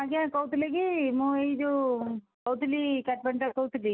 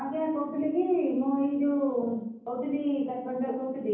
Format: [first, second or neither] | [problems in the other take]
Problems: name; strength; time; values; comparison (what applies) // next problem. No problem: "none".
first | room echo; dies away in 0.9 s